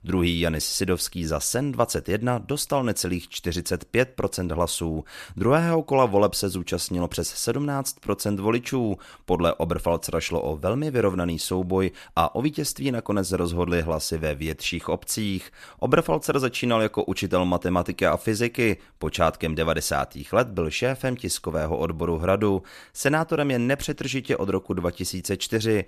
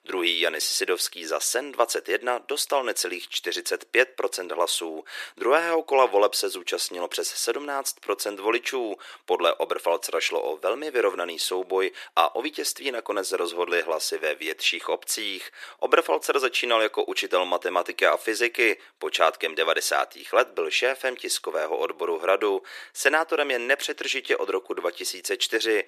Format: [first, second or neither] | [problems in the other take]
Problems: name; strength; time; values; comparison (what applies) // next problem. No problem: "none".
first | thin; very; fading below 350 Hz